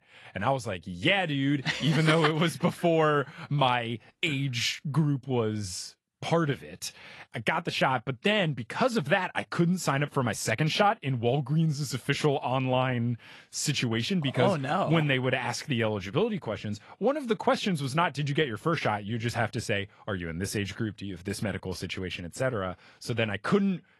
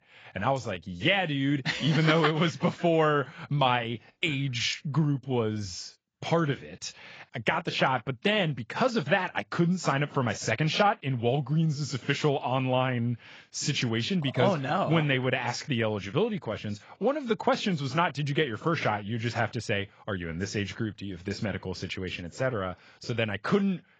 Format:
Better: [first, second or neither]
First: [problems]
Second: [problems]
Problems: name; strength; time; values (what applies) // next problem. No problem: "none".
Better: first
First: garbled, watery; slightly; nothing above 12 kHz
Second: garbled, watery; badly; nothing above 7.5 kHz